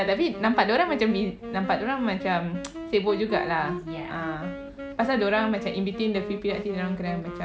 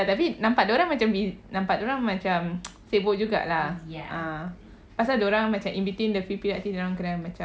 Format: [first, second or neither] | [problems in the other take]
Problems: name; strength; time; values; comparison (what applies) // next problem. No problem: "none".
second | background sound (Wind instrument, woodwind instrument); 10 dB below the speech